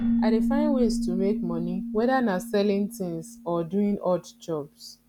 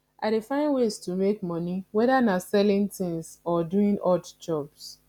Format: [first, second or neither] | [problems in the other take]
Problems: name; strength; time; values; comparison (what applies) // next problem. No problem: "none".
second | background sound (Keyboard (musical)); 2 dB below the speech